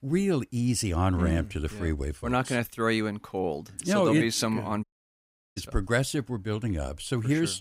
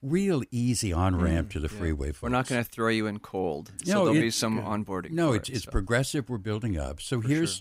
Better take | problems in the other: second | audio cutting out; at 5 s for 0.5 s

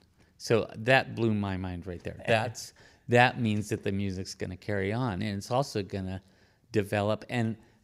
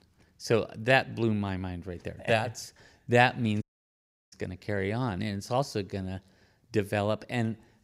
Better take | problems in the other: first | audio cutting out; at 3.5 s for 0.5 s

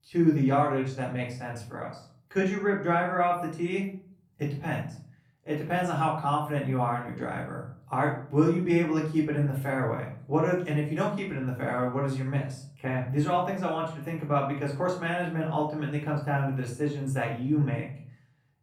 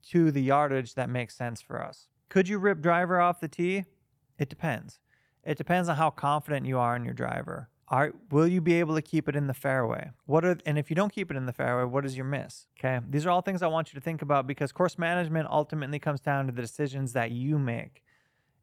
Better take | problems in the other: second | off-mic speech; far // room echo; slight; dies away in 0.4 s

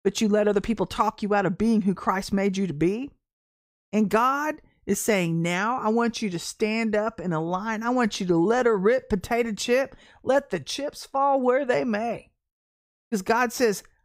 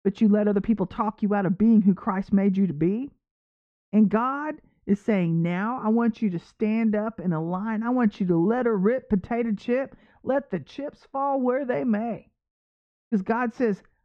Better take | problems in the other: first | muffled; very; fading above 2 kHz

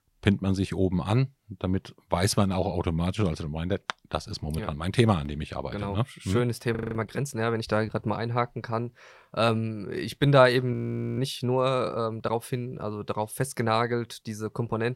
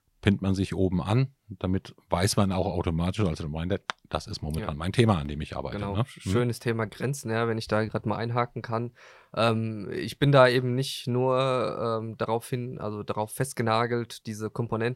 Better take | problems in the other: second | audio freezing; at 7 s and at 11 s

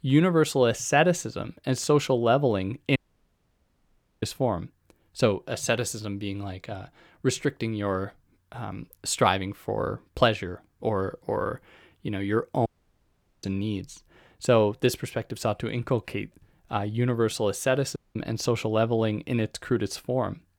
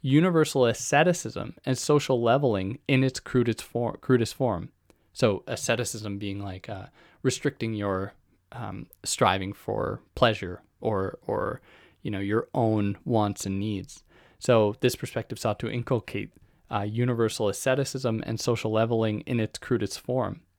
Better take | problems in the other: second | audio cutting out; at 3 s for 1.5 s, at 13 s for 1 s and at 18 s

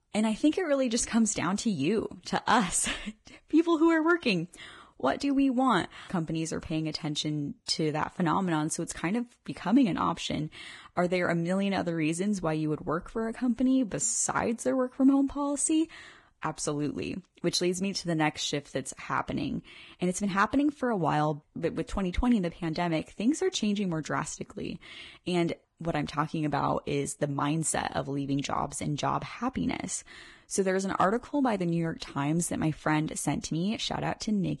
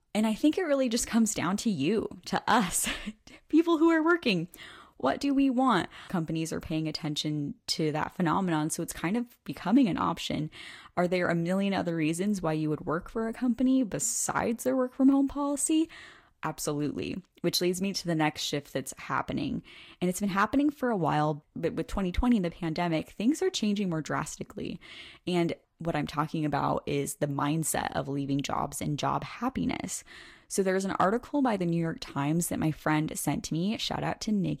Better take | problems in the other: second | garbled, watery; badly; slightly in the second

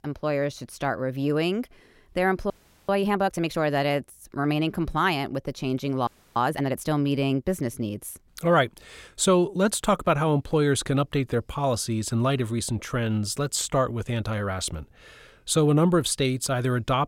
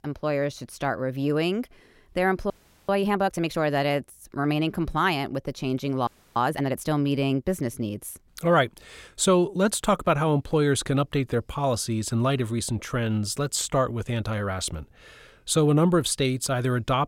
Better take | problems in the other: neither | audio freezing; at 2.5 s and at 6 s; the same in both

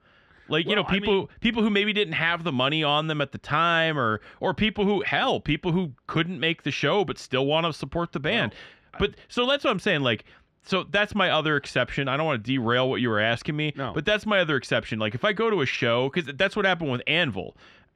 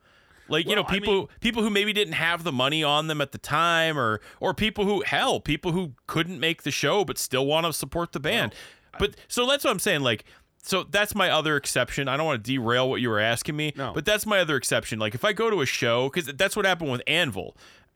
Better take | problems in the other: second | muffled; slightly; fading above 3 kHz

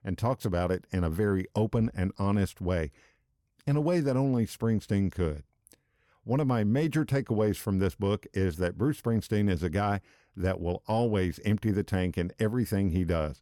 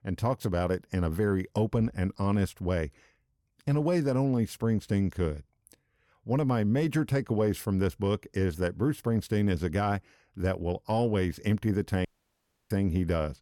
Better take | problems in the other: first | audio cutting out; at 12 s for 0.5 s

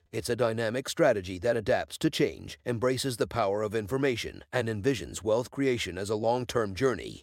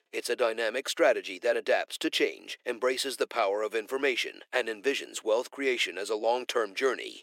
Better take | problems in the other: first | thin; somewhat; fading below 350 Hz

